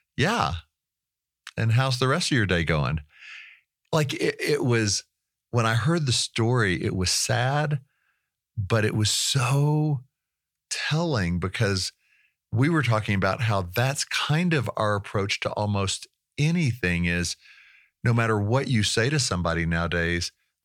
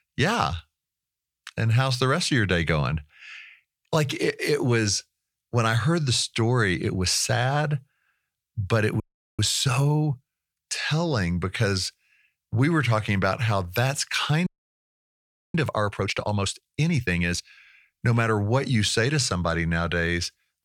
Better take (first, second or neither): first